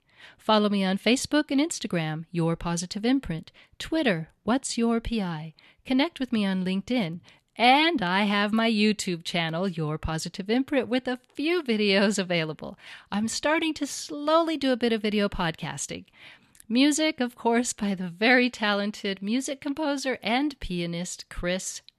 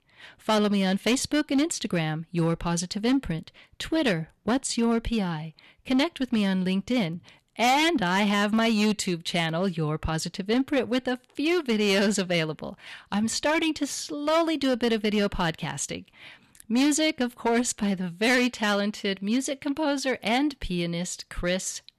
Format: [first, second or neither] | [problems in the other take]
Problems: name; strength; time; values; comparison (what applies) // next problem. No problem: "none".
first | distortion; slight; 6% of the sound clipped